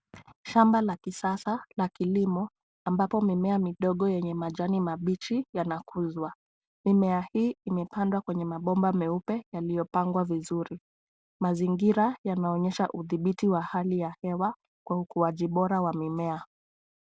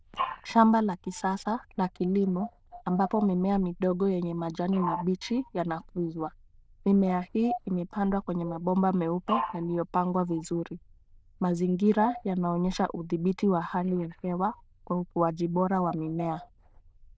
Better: first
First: none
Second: noise reduction (neural diffusion model UNIVERSE++)

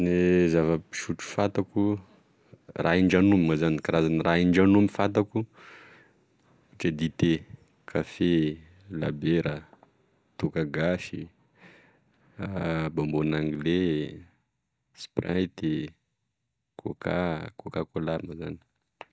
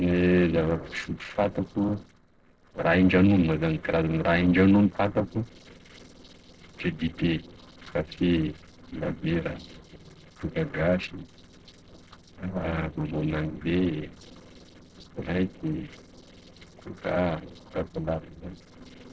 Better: first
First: none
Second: noise reduction (neural separator model SepFormer DNS4)

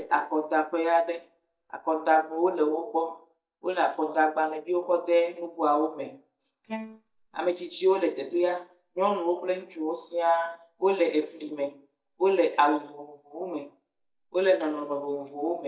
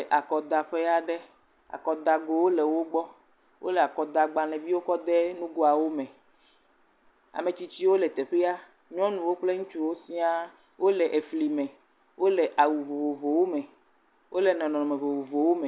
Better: second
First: noise reduction (neural mask model DeepFilterNet 3)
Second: none

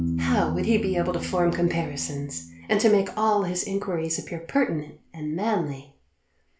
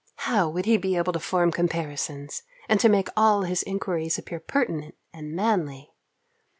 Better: second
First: background sound (Piano); 9 dB below the speech // room echo; dies away in 0.3 s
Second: none

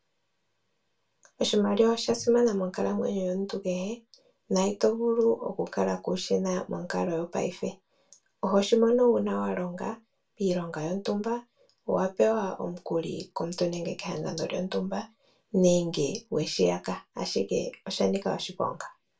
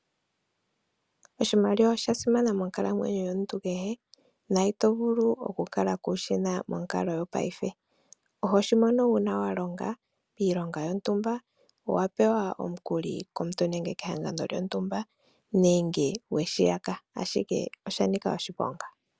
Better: second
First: room echo; dies away in 0.2 s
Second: none

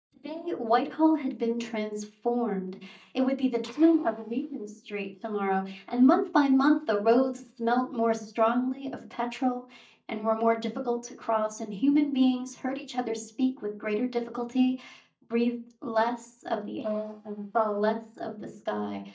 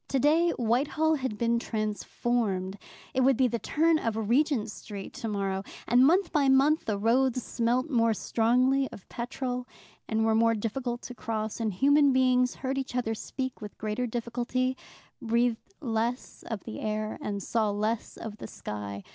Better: second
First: noise reduction (neural mask model DeepFilterNet 3)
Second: none

